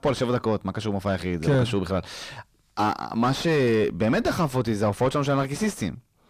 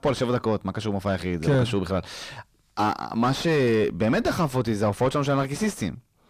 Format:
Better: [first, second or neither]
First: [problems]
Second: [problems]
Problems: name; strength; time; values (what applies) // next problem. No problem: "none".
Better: neither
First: distortion; heavy; 7 dB below the speech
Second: distortion; heavy; 7 dB below the speech